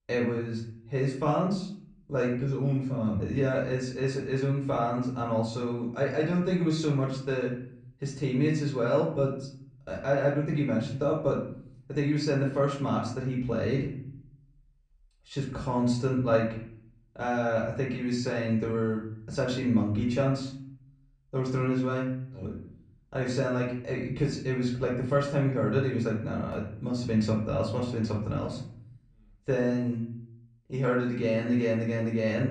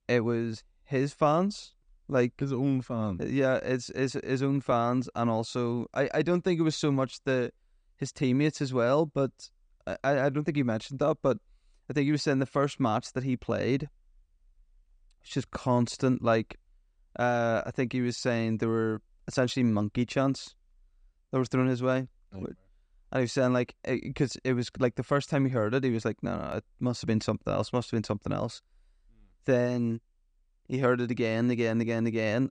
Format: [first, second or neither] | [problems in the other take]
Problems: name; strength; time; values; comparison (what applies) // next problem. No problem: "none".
second | off-mic speech; far // room echo; slight; dies away in 0.6 s